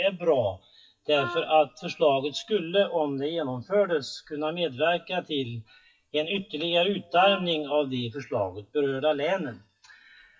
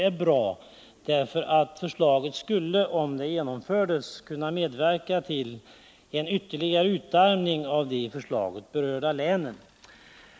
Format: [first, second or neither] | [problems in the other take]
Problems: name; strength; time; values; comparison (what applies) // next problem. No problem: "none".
second | noise reduction (classical method WPE with log-MMSE)